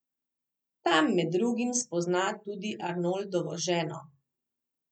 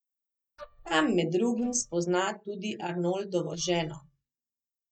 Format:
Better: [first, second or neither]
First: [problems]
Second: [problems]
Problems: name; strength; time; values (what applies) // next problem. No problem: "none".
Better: first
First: none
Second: noise reduction (neural mask model DeepFilterNet 3)